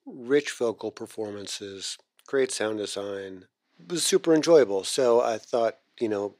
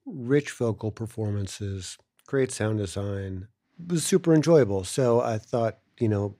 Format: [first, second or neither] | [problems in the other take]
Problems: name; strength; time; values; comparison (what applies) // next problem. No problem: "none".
second | thin; somewhat; fading below 400 Hz